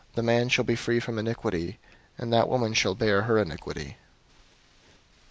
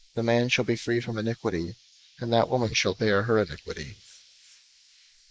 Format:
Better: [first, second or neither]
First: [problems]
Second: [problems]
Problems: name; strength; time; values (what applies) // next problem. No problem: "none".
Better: first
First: none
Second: noise reduction (neural mask model Resemble Enhance denoiser)